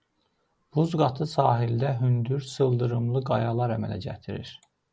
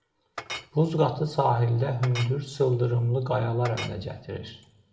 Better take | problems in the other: first | background sound (Chink, clink); 17 dB below the speech // room echo; dies away in 0.8 s

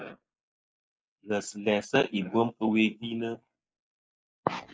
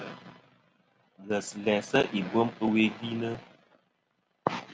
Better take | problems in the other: second | noise reduction (neural mask model Resemble Enhance denoiser)

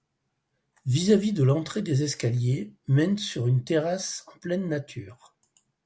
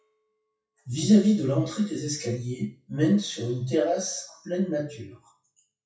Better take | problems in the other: first | noise reduction (classical method WPE with log-MMSE)

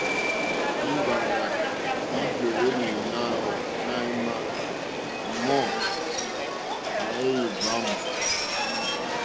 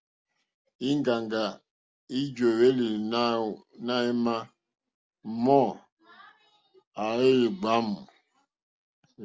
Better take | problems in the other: second | background sound (Subway, metro, underground); 4 dB above the speech

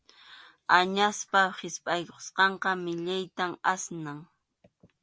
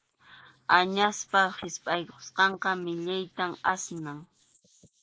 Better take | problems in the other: first | noise reduction (neural mask model Resemble Enhance denoiser)

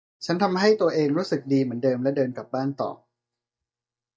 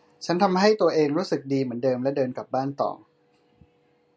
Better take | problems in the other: second | noise reduction (neural mask model DeepFilterNet 3)

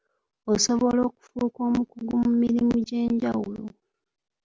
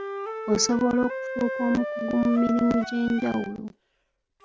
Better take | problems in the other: first | background sound (Wind instrument, woodwind instrument); 8 dB below the speech

